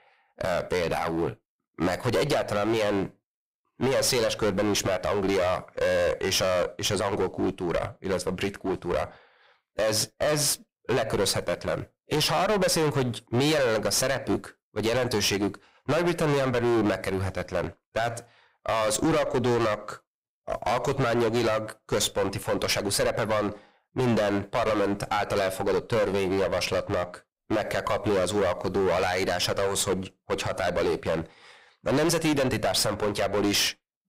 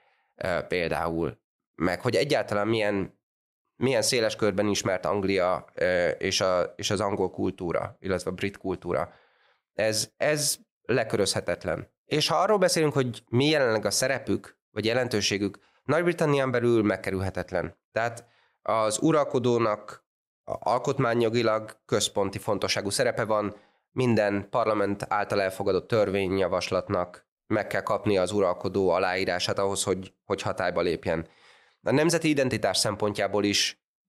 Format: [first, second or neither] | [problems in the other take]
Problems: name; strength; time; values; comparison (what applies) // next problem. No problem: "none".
second | distortion; heavy; 18% of the sound clipped